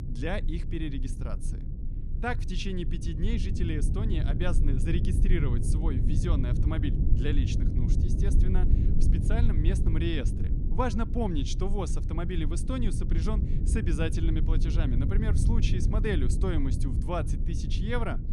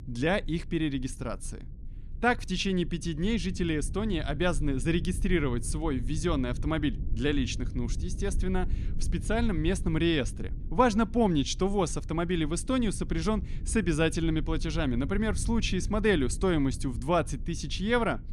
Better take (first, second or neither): second